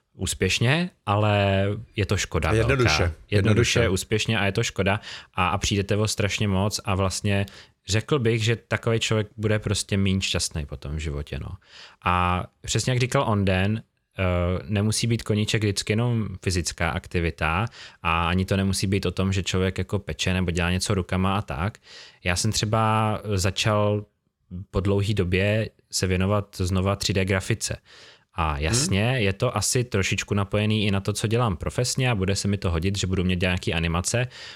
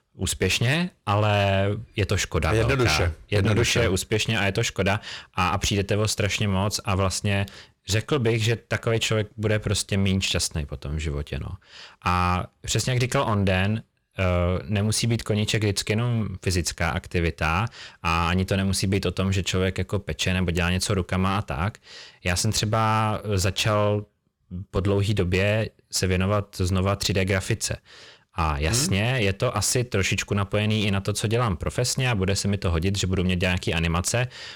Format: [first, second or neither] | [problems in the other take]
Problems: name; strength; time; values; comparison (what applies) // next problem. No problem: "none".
first | distortion; slight; 8% of the sound clipped